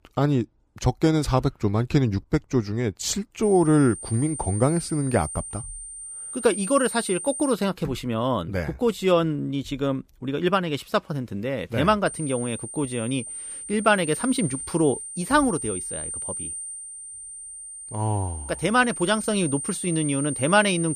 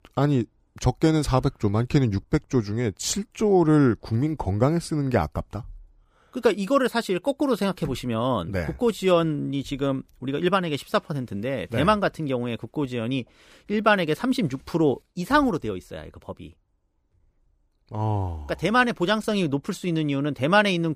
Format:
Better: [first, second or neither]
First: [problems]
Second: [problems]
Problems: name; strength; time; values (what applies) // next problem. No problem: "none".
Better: second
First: high-pitched whine; loud; from 3.5 to 7.5 s and from 12 s on; 9 kHz, 8 dB below the speech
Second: none